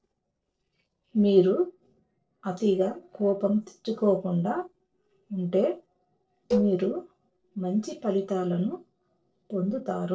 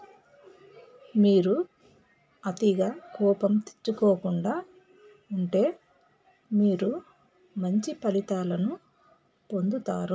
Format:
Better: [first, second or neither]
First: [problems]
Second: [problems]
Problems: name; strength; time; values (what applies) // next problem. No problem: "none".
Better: second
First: noise reduction (neural separator model SepFormer DNS4)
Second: none